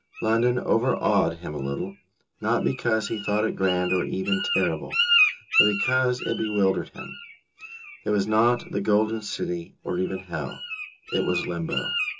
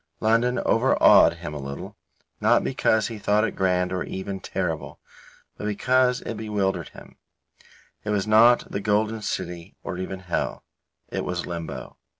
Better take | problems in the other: second | background sound (Bird); 5 dB below the speech // room echo; dies away in 0.2 s

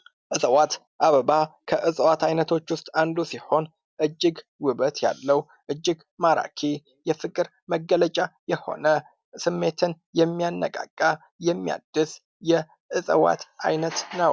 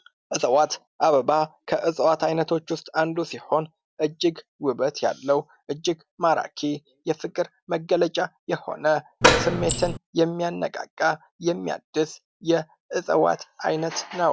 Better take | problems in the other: first | background sound (Door); 4 dB above the speech

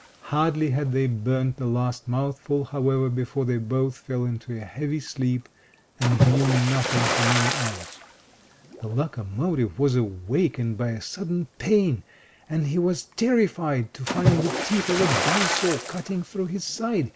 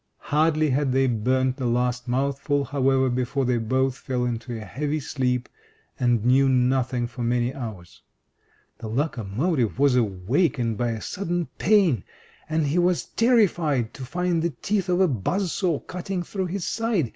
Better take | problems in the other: second | background sound (Splash, splatter); 6 dB below the speech

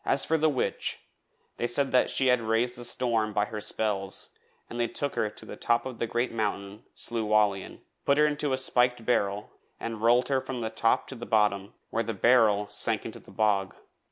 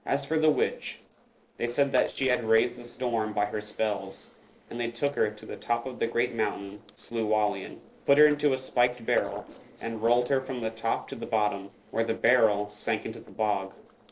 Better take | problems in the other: first | noise reduction (neural separator model SepFormer DNS4)

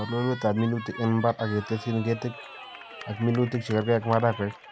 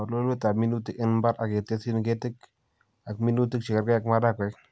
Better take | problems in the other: second | background sound (Cheering); 15 dB below the speech

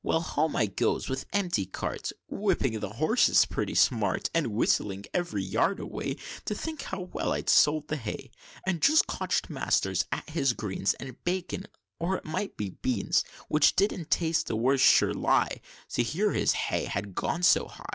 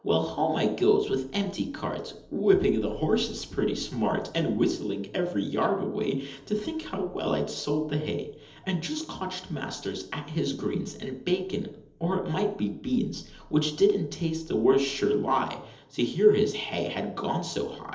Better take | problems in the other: first | room echo; dies away in 1.2 s

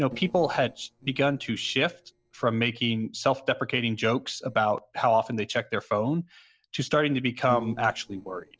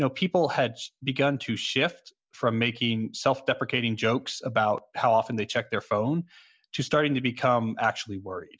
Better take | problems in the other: second | noise reduction (neural separator model SepFormer DNS4)

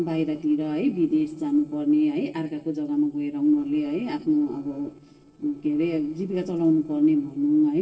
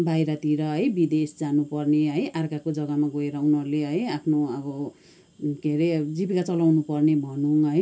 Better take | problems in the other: second | noise reduction (neural separator model SepFormer DNS4)

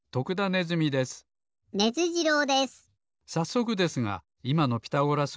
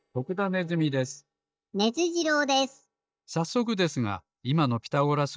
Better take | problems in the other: first | noise reduction (neural mask model DeepFilterNet 3)

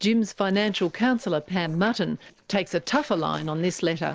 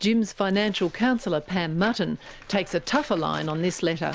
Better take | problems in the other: second | noise reduction (neural separator model SepFormer DNS4)

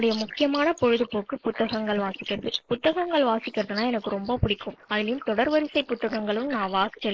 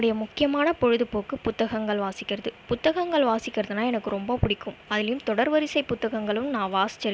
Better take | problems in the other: second | noise reduction (neural mask model Resemble Enhance denoiser)

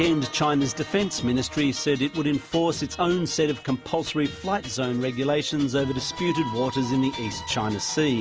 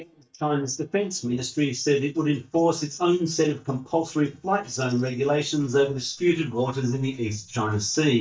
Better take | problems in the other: first | noise reduction (neural mask model DeepFilterNet 3)

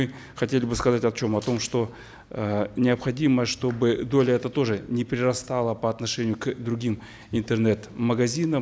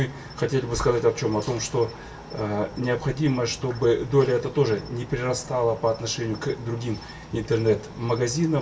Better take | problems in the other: first | background sound (Cricket); 17 dB below the speech // room echo; dies away in 0.1 s

